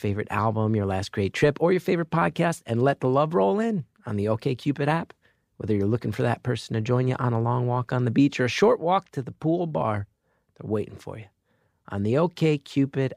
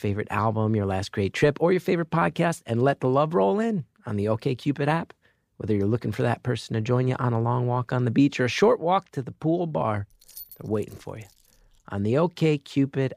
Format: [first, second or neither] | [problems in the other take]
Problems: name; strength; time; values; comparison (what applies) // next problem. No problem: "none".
first | jangling keys; faint; from 10 to 12 s; peak 15 dB below the speech